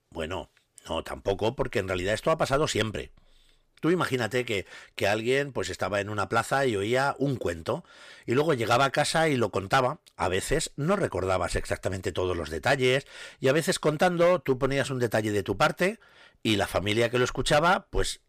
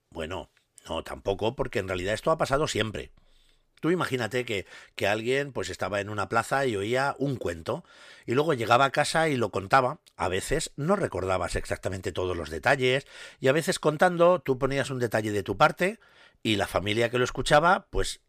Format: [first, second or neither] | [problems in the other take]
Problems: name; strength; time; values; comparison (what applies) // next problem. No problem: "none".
second | distortion; slight; 3% of the sound clipped